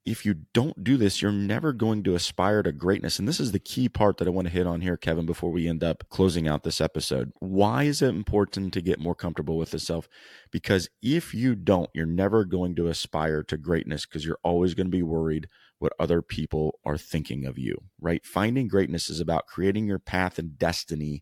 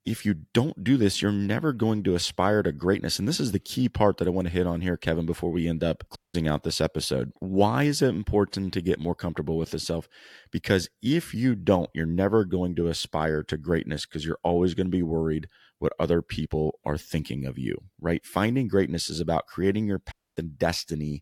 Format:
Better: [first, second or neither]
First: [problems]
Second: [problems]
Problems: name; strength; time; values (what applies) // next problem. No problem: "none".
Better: first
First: none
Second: audio cutting out; at 6 s and at 20 s